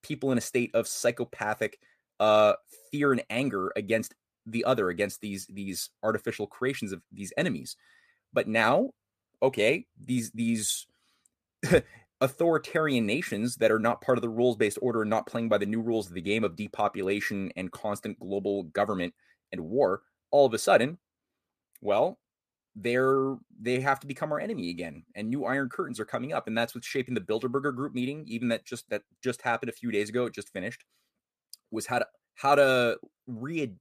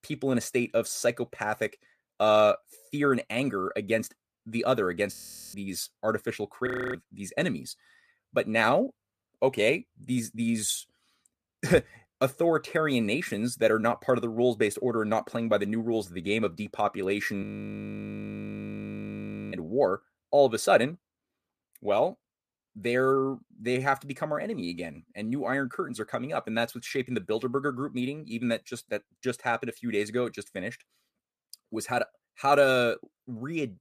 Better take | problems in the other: first | audio freezing; at 5 s, at 6.5 s and at 17 s for 2 s

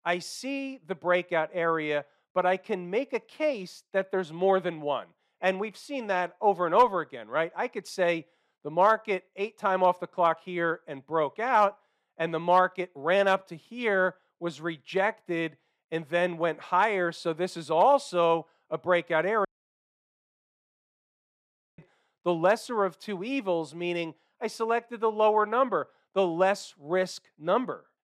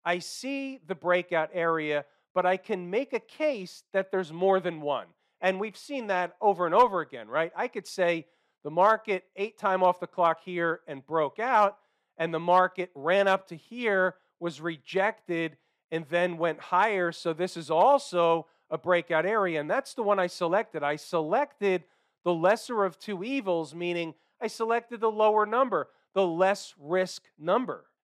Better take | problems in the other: second | audio cutting out; at 19 s for 2.5 s

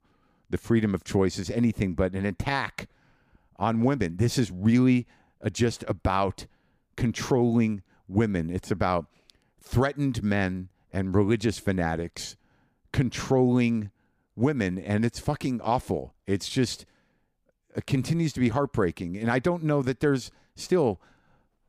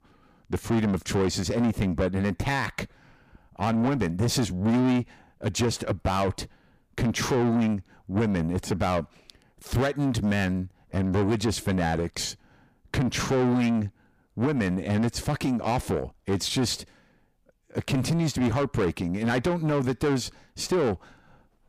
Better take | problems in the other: first | distortion; heavy; 7 dB below the speech

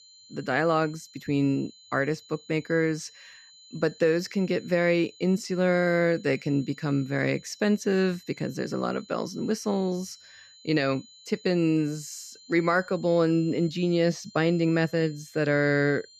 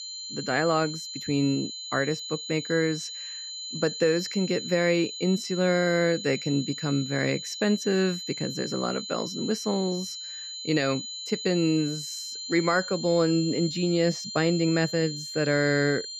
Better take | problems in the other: first | high-pitched whine; loud; throughout; 4 kHz, 8 dB below the speech; faint in the first

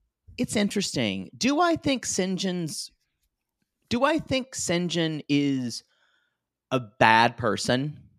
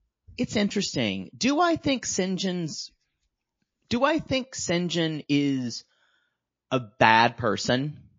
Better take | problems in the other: first | garbled, watery; slightly

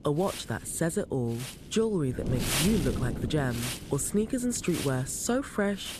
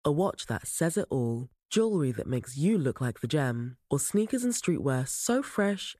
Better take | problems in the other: second | wind noise on the microphone; heavy; 4 dB below the speech

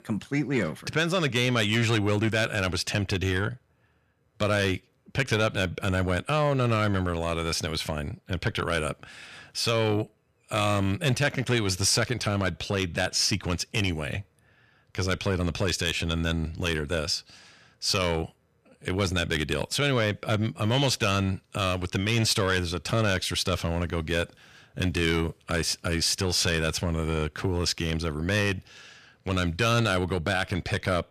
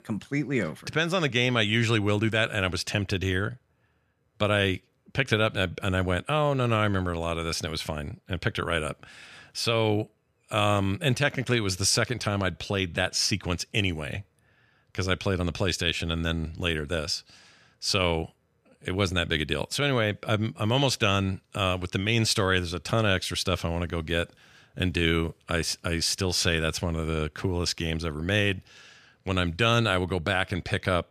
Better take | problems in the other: second | distortion; slight; 10 dB below the speech

